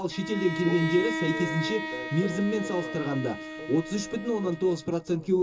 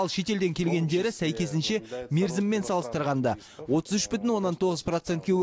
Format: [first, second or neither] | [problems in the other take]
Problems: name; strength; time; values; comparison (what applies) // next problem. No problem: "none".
second | background sound (Bowed string instrument); 7 dB below the speech // room echo; dies away in 0.2 s